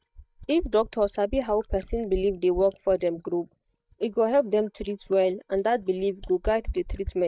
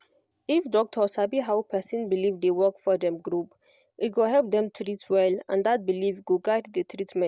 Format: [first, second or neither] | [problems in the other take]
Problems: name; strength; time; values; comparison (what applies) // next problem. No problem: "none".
second | noise reduction (neural mask model DeepFilterNet 3)